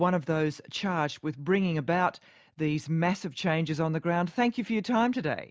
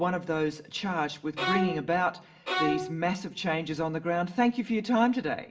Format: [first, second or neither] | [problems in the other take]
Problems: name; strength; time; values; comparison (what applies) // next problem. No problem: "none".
first | background sound (Bowed string instrument); 2 dB below the speech // room echo; dies away in 0.7 s